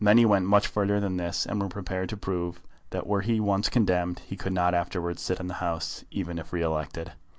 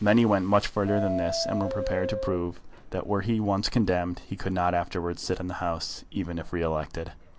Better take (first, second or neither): first